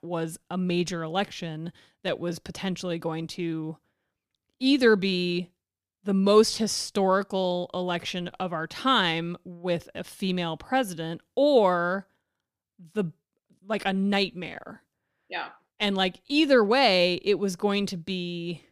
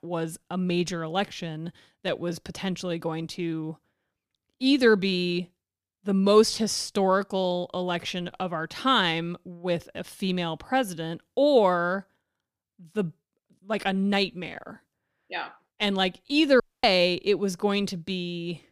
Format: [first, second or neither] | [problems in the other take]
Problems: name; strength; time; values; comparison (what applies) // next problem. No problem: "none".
first | audio cutting out; at 17 s